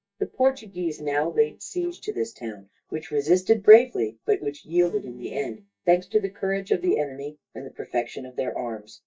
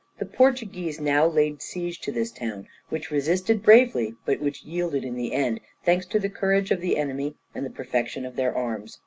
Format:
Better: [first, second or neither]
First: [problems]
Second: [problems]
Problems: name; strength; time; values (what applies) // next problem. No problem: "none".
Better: second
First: noise reduction (neural mask model DeepFilterNet 3)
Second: none